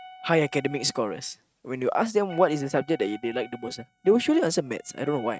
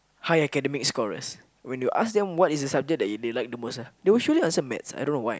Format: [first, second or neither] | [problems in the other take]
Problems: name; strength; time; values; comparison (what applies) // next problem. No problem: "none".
second | noise reduction (neural mask model RNNoise)